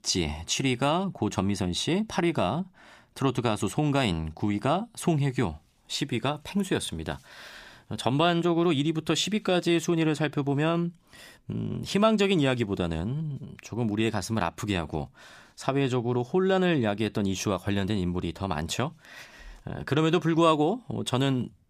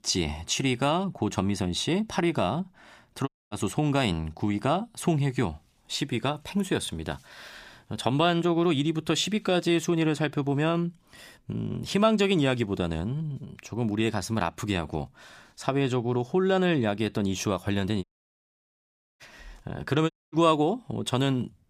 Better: first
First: none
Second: audio cutting out; at 3.5 s, at 18 s for 1 s and at 20 s

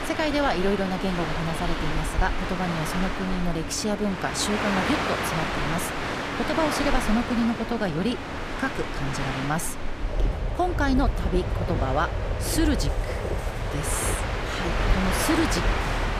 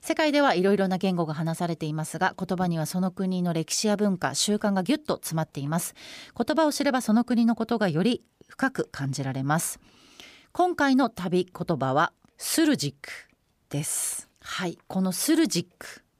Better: second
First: train or aircraft noise; loud; throughout; 1 dB below the speech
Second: none

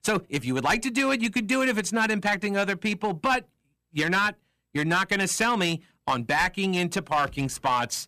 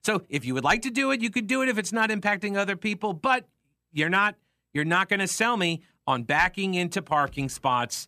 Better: second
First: distortion; slight; 5% of the sound clipped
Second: none

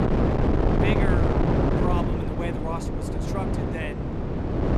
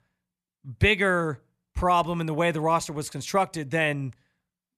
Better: second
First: wind noise on the microphone; heavy; 5 dB above the speech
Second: none

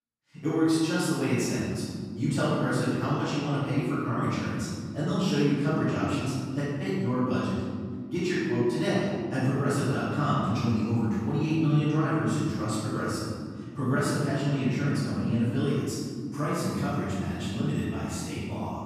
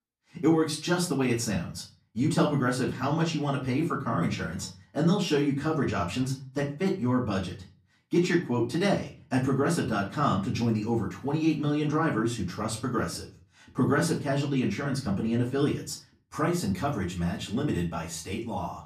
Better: second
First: room echo; strong; dies away in 2.4 s // off-mic speech; far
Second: room echo; slight; dies away in 0.3 s // off-mic speech; far

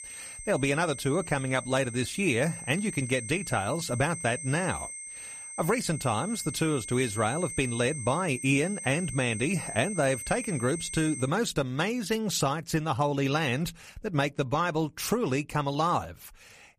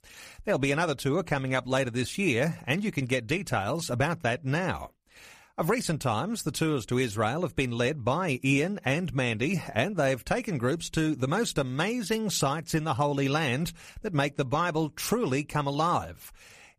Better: second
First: high-pitched whine; loud; until 11 s; 8.5 kHz, 9 dB below the speech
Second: none

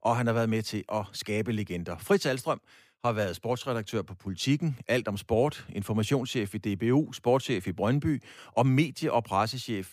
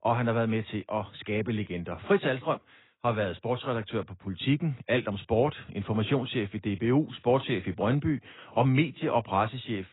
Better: first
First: none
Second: garbled, watery; badly; nothing above 4 kHz

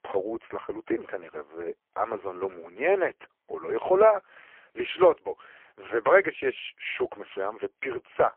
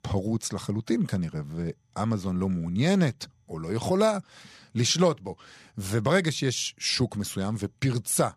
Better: second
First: phone-call audio; poor line; nothing above 3 kHz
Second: none

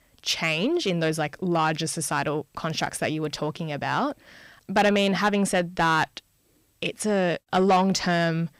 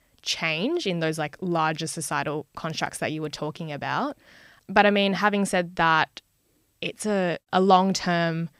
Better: second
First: distortion; slight; 10 dB below the speech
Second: none

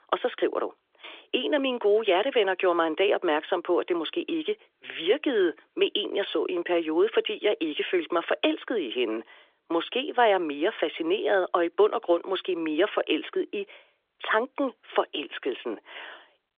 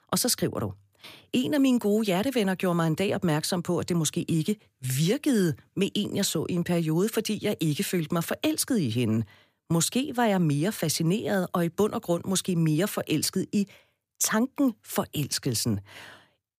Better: second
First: phone-call audio; nothing above 3.5 kHz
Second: none

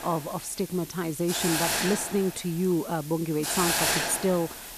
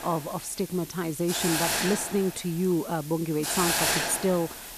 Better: neither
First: hiss; very loud; throughout; 1 dB above the speech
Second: hiss; very loud; throughout; 1 dB above the speech

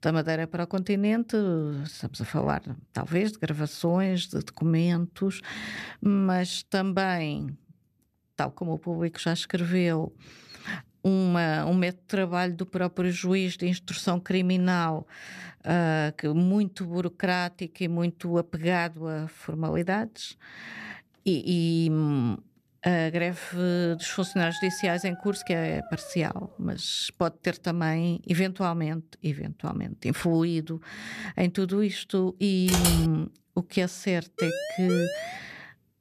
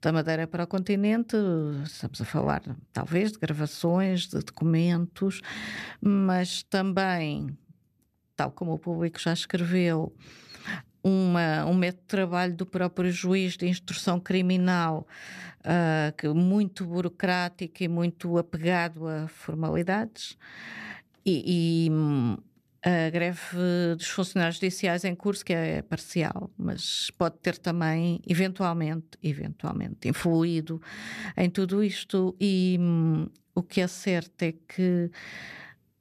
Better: second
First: dog barking; noticeable; from 23 to 27 s; peak 9 dB below the speech // keyboard typing; loud; at 33 s; peak 3 dB above the speech // siren; noticeable; from 34 to 35 s; peak 4 dB below the speech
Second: none

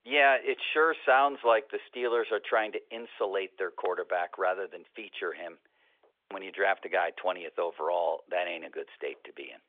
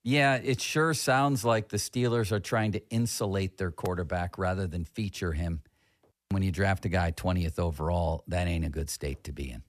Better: second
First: phone-call audio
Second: none

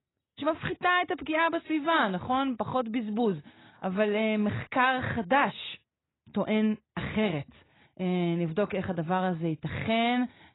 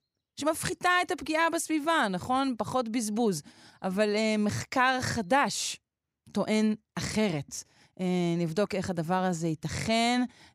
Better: second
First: garbled, watery; badly; nothing above 4 kHz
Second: none

